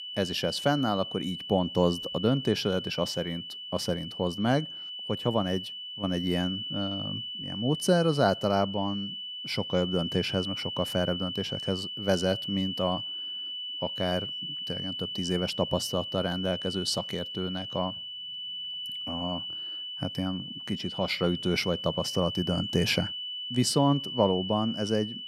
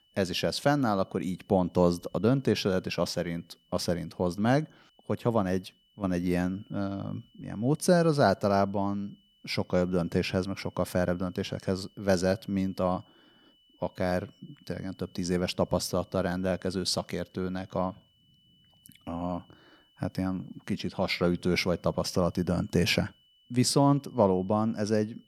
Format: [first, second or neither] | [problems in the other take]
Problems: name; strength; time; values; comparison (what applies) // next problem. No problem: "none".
second | high-pitched whine; loud; throughout; 3 kHz, 5 dB below the speech; faint in the second